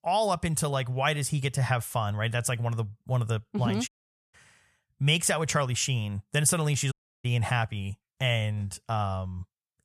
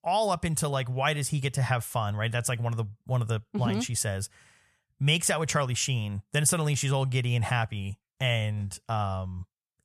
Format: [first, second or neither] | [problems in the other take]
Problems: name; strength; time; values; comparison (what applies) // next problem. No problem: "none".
second | audio cutting out; at 4 s and at 7 s